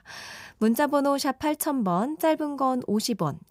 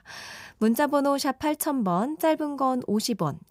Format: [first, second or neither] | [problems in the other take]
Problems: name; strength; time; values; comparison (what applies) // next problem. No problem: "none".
neither | none